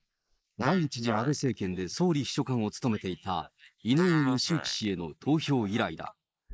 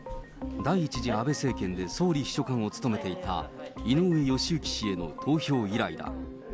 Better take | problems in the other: second | noise reduction (neural mask model Resemble Enhance denoiser)

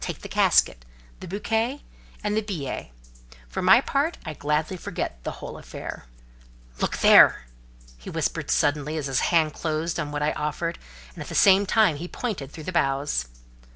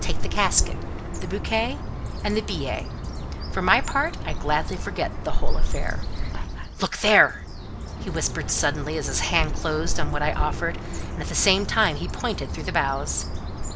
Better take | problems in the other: first | background sound (Bird); 1 dB above the speech

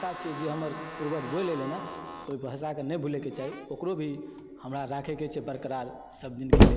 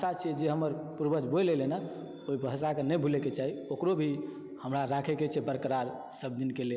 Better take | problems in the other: second | background sound (Slam); 4 dB above the speech

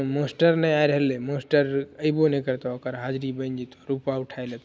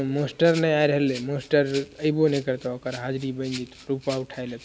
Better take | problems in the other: first | background sound (Rattle (instrument)); 19 dB below the speech

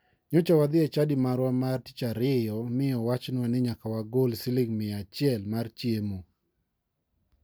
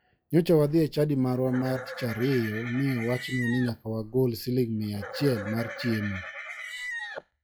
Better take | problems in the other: first | noise reduction (classical method log-MMSE)

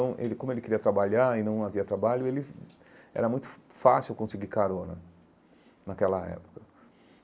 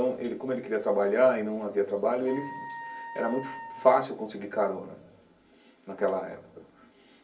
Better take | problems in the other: first | background sound (Wind instrument, woodwind instrument); 12 dB below the speech // room echo; dies away in 0.3 s

